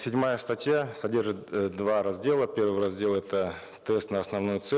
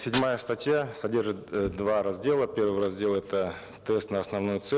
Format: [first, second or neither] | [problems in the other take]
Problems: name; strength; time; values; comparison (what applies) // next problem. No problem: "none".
first | background sound (Fire + Sliding door); 17 dB below the speech